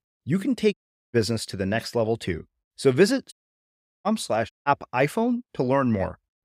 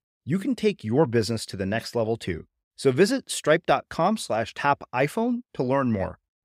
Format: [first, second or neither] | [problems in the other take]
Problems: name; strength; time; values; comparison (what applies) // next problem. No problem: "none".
second | audio cutting out; at 0.5 s, at 3.5 s for 0.5 s and at 4.5 s